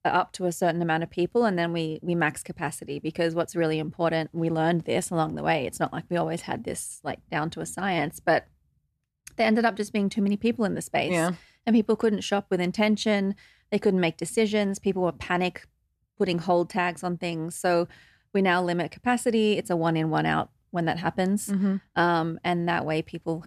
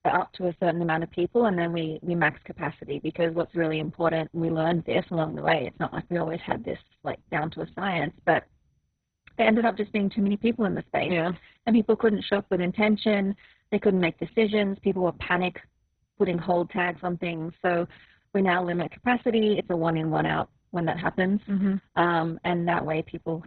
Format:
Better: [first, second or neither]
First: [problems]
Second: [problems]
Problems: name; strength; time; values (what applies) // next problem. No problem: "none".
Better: first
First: none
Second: garbled, watery; badly; nothing above 4 kHz